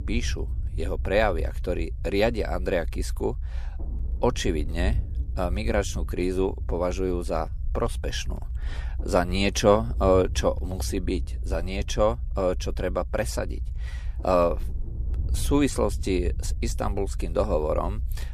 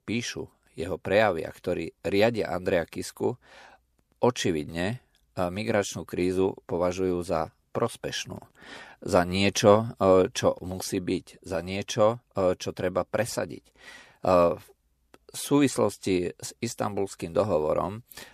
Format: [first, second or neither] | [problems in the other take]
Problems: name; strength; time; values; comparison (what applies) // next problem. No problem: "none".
second | low rumble; faint; throughout; 25 dB below the speech